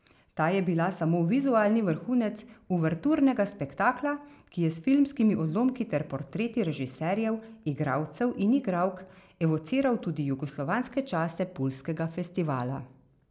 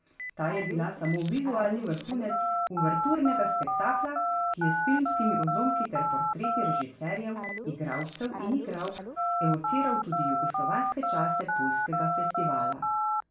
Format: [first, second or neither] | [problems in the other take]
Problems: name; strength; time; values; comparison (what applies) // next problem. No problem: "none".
first | background sound (Telephone); 2 dB above the speech // room echo; dies away in 0.3 s